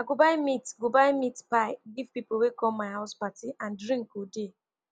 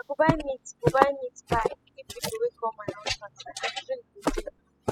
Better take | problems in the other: first | noise reduction (classical method spectral subtraction)

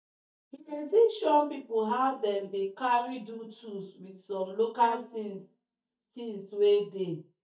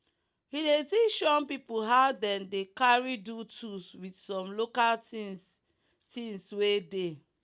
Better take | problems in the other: second | noise reduction (neural mask model DeepFilterNet 3)

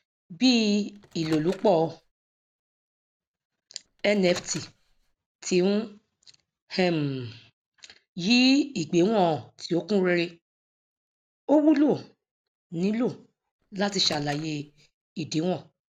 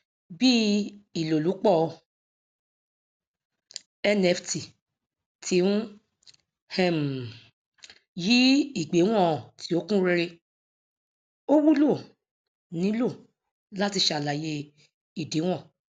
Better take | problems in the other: second | background sound (Microwave oven); 20 dB below the speech

